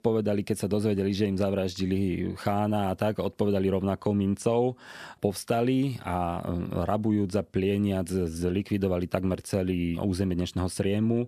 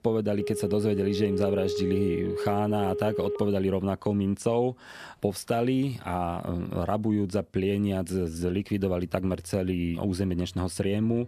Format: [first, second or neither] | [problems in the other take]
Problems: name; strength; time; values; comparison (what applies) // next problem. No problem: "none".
first | alarms or sirens; loud; throughout; 4 dB below the speech